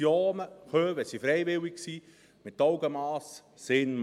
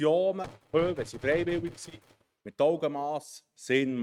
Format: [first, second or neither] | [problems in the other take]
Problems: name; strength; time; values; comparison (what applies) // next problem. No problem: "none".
first | noise reduction (neural mask model RNNoise)